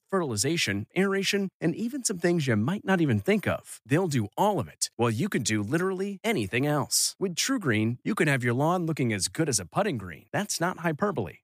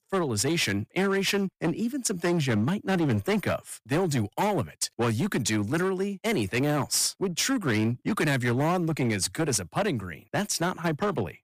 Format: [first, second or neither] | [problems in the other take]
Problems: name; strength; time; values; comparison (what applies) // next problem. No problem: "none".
first | distortion; slight; 13% of the sound clipped